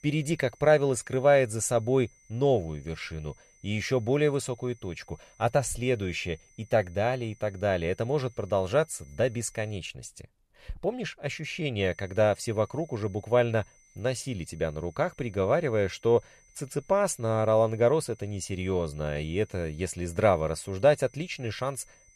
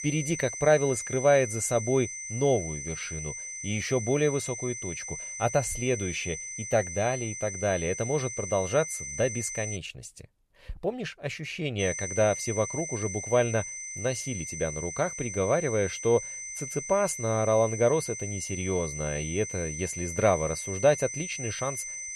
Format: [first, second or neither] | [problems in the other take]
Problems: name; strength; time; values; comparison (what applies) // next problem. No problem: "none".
first | high-pitched whine; loud; until 10 s and from 12 s on; 6 kHz, 6 dB below the speech; faint in the first